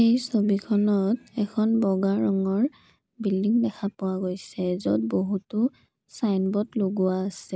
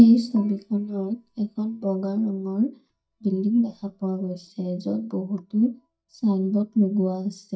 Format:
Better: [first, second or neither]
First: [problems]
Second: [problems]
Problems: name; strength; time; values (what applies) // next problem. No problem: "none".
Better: first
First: none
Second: noise reduction (neural mask model DeepFilterNet 3)